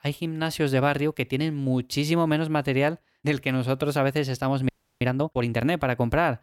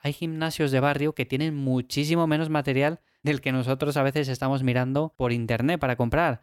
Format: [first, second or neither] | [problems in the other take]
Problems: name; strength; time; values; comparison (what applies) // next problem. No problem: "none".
second | audio freezing; at 4.5 s